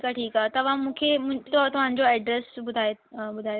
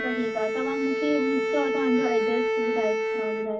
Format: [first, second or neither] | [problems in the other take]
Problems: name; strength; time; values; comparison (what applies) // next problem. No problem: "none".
first | background sound (Bowed string instrument); 2 dB above the speech // room echo; dies away in 0.4 s